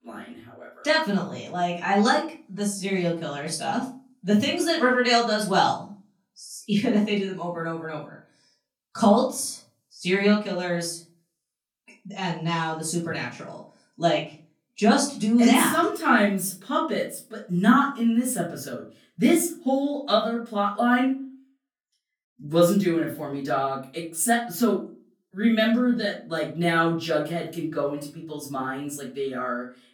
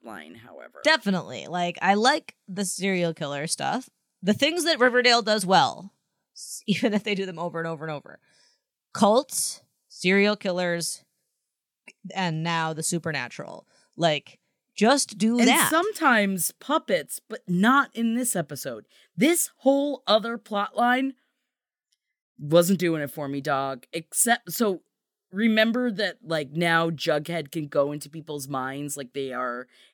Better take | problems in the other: second | off-mic speech; far // room echo; slight; dies away in 0.3 s

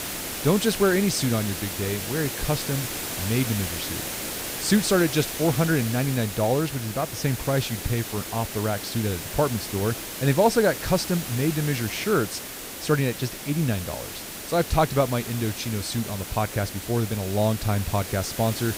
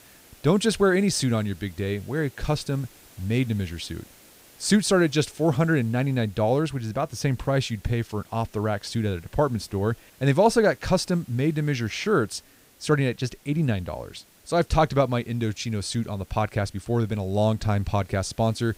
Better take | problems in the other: second | hiss; loud; throughout; 6 dB below the speech; faint in the second

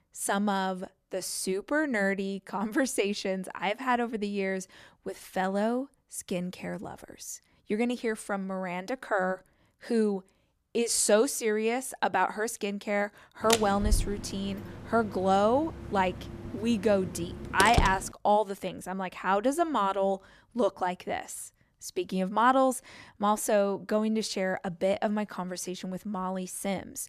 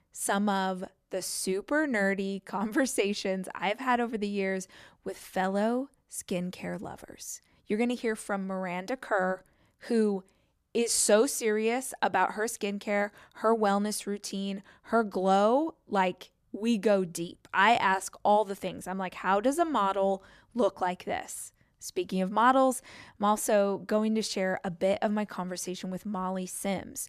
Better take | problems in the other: second | door banging; loud; from 14 to 18 s; peak 1 dB above the speech

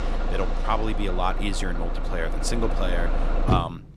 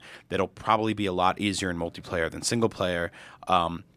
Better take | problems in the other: second | traffic noise; very loud; throughout; 1 dB above the speech

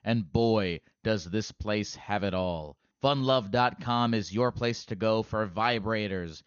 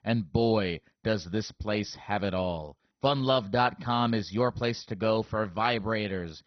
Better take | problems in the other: first | garbled, watery; badly; nothing above 6 kHz; slightly in the first

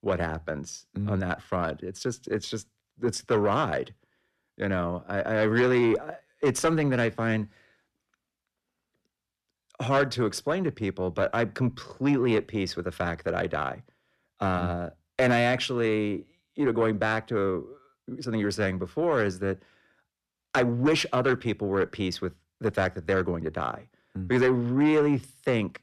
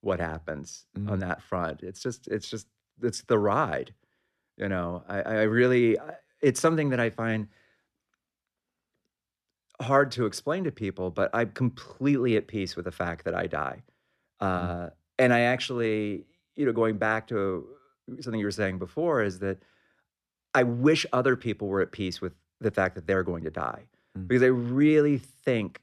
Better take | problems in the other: second | distortion; slight; 10 dB below the speech

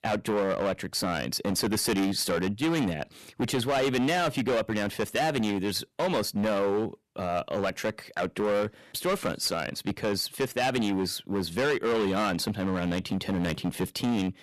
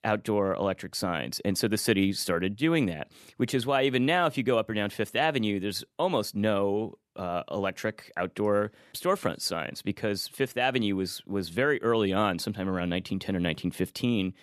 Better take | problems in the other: second | distortion; heavy; 16% of the sound clipped

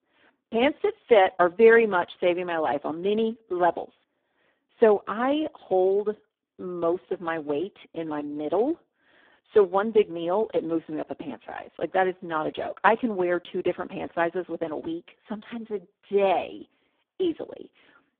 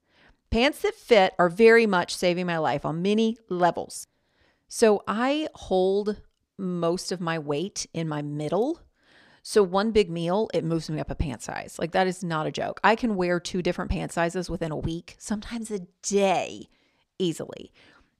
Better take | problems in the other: second | phone-call audio; poor line

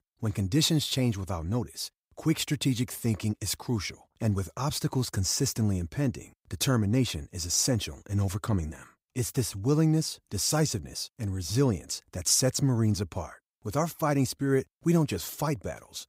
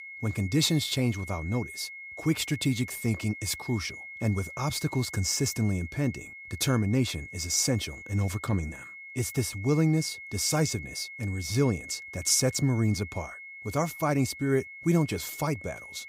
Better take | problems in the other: first | high-pitched whine; noticeable; throughout; 2 kHz, 15 dB below the speech

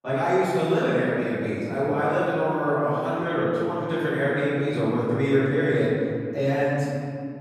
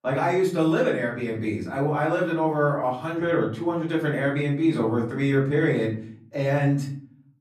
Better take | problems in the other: second | room echo; strong; dies away in 2.2 s; slight in the second // off-mic speech; far; far in the second

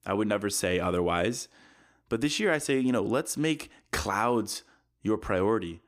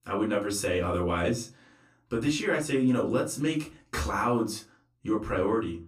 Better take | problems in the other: first | off-mic speech; far // room echo; very slight; dies away in 0.2 s

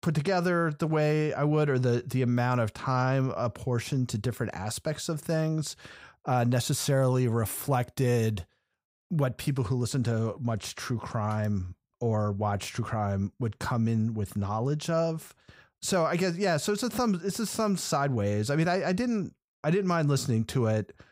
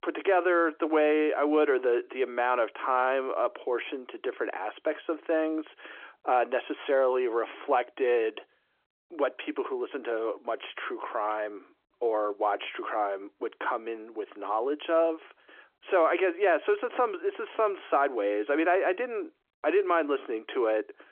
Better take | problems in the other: first | phone-call audio

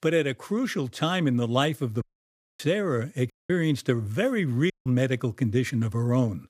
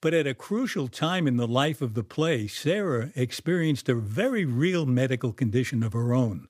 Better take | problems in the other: second | audio cutting out; at 2 s for 0.5 s, at 3.5 s and at 4.5 s

